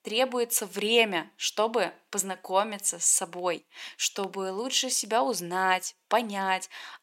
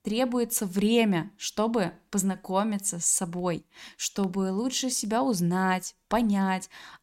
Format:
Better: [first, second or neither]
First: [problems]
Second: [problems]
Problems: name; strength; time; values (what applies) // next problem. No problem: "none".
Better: second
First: thin; somewhat; fading below 500 Hz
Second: none